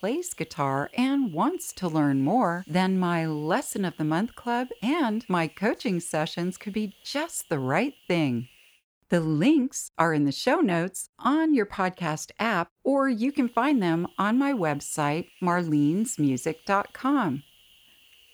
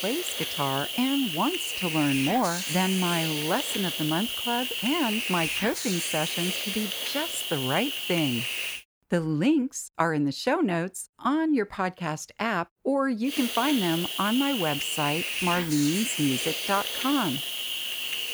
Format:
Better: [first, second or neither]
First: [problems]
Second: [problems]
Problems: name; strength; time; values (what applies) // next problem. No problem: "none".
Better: first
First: hiss; faint; until 9 s and from 13 s on; 30 dB below the speech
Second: hiss; loud; until 9 s and from 13 s on; 1 dB below the speech